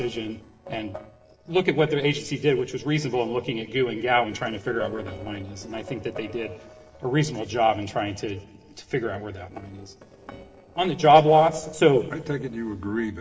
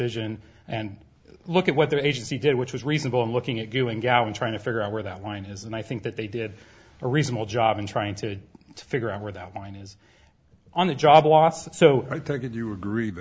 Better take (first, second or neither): second